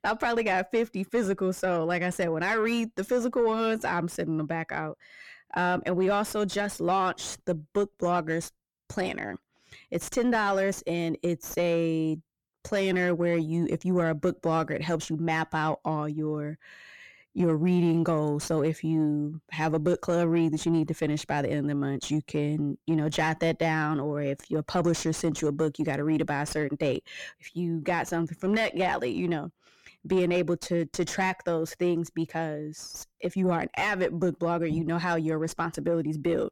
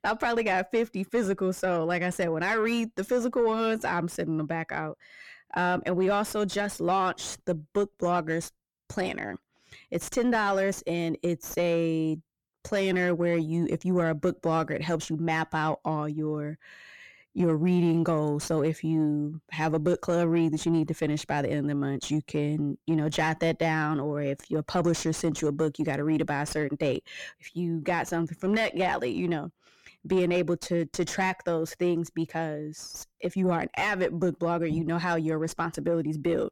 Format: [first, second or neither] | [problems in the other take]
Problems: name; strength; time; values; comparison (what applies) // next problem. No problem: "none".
neither | distortion; slight; 10 dB below the speech; the same in both